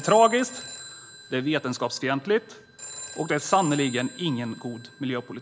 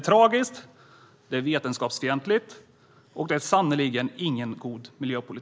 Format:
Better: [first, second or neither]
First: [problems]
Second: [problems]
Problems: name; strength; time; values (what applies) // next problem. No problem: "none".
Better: second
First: background sound (Telephone); 15 dB below the speech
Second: none